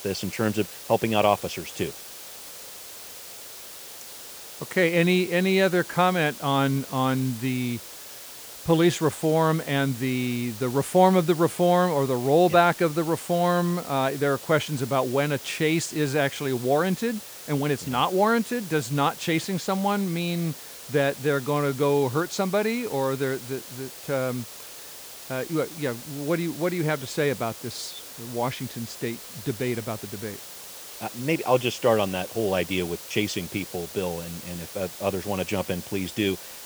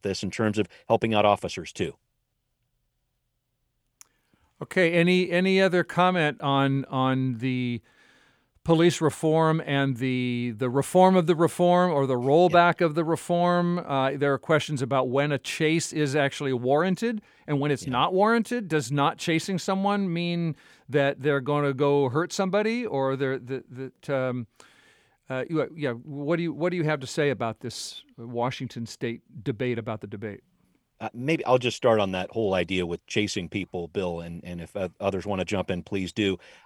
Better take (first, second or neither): second